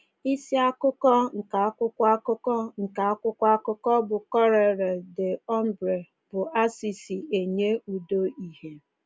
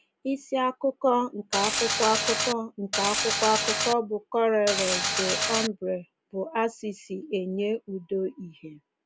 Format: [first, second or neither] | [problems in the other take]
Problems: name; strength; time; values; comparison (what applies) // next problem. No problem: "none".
first | background sound (Mechanisms); 1 dB above the speech